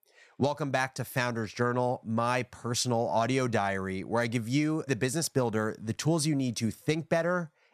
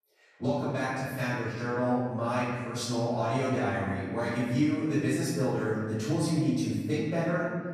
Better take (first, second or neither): first